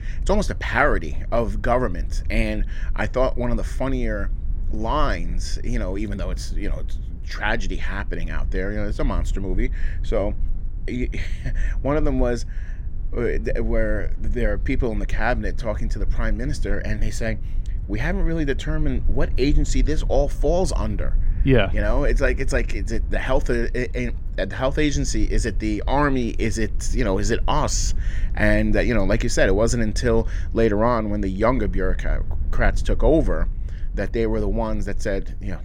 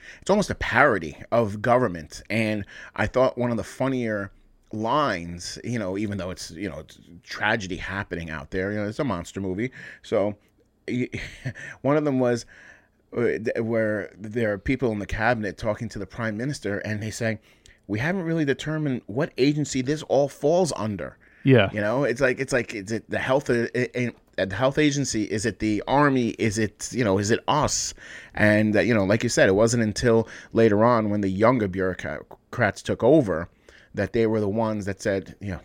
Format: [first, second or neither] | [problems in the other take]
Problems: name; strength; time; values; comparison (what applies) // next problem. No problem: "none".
second | low rumble; faint; throughout; 25 dB below the speech